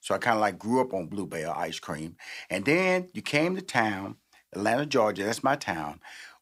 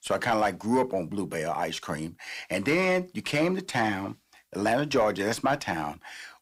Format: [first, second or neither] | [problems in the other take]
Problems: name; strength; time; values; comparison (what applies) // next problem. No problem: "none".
first | distortion; slight; 10 dB below the speech